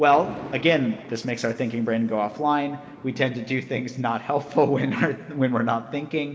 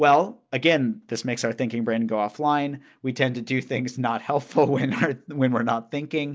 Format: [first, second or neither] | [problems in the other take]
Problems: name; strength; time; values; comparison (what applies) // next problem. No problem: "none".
second | background sound (Thunder); 20 dB below the speech // room echo; dies away in 2.9 s